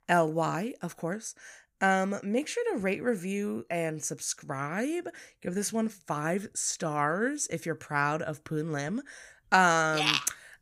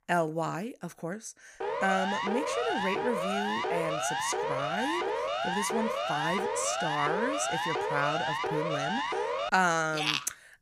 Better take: first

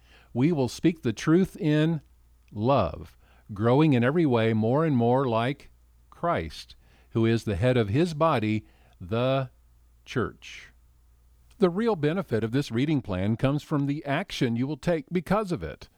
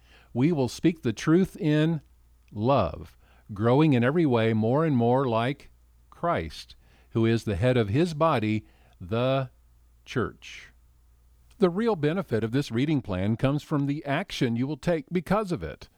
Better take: neither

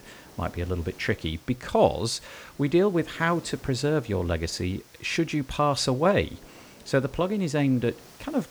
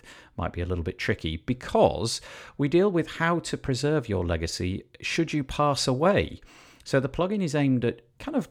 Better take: second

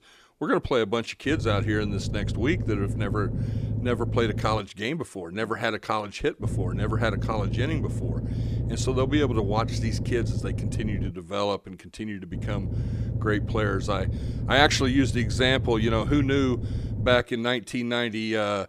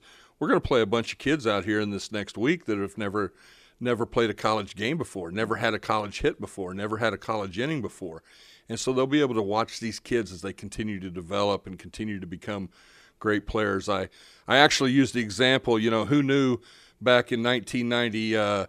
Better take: second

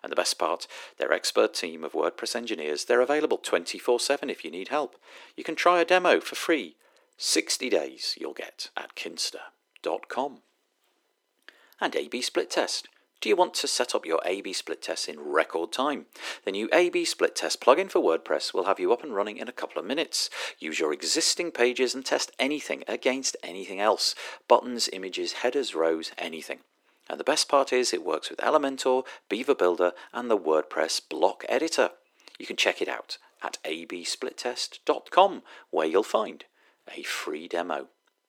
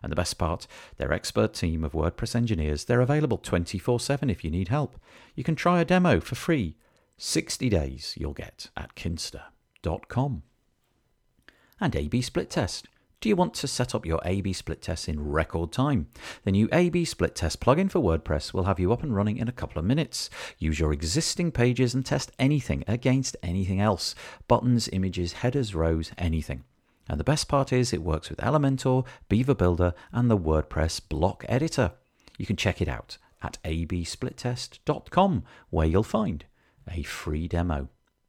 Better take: second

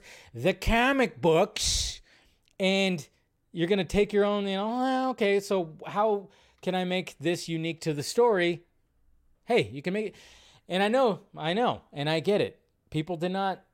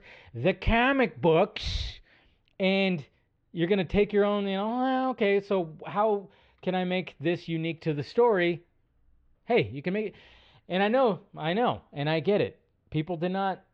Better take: first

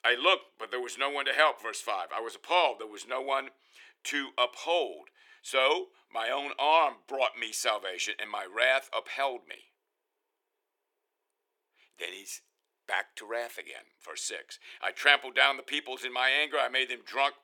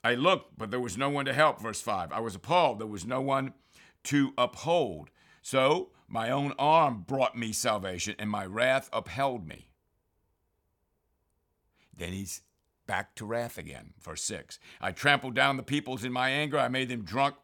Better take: second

